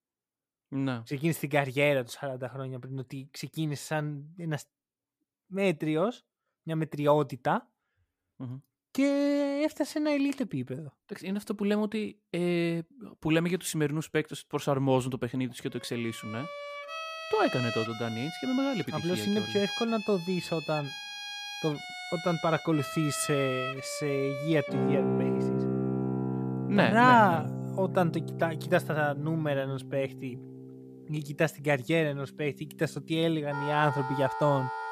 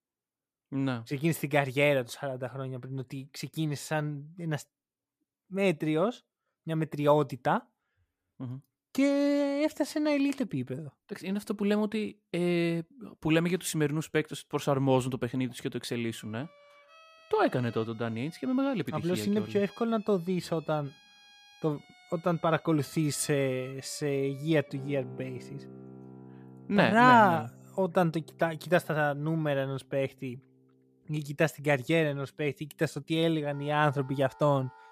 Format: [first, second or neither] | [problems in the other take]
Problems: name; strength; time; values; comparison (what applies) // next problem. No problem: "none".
second | background music; loud; from 16 s on; 5 dB below the speech; faint in the second